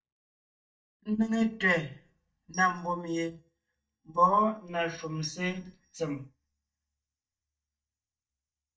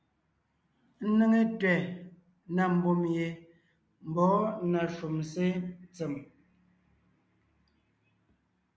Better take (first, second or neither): second